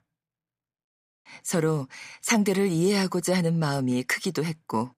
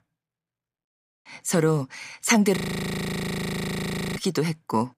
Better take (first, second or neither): first